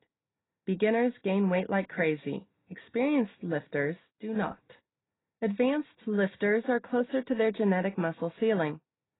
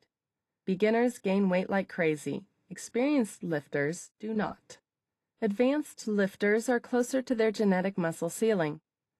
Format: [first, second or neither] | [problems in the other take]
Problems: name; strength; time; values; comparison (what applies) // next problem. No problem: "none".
second | garbled, watery; badly; nothing above 4 kHz; slightly in the second